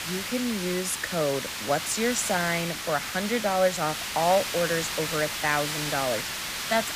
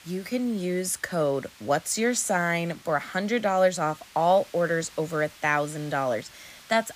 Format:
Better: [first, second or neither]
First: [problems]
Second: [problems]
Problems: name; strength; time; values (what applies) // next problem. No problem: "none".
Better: second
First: hiss; loud; throughout; 3 dB below the speech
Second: hiss; faint; throughout; 20 dB below the speech